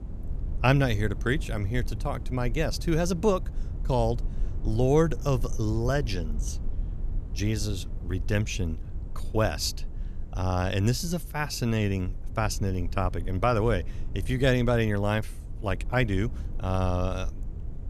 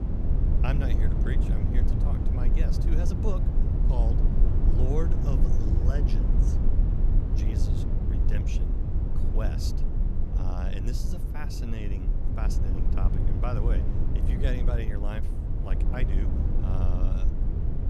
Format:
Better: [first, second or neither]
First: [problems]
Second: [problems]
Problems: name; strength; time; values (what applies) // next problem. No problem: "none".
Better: first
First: low rumble; faint; throughout; 20 dB below the speech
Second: low rumble; loud; throughout; as loud as the speech